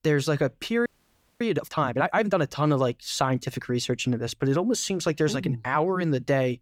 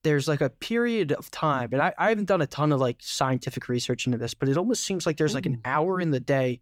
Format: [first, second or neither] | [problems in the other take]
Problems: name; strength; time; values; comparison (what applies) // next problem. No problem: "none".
second | audio freezing; at 1 s for 0.5 s